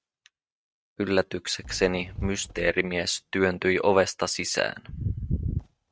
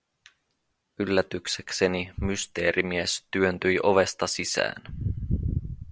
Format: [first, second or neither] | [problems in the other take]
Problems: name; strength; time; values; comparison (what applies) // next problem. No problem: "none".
second | noise reduction (neural mask model RNNoise)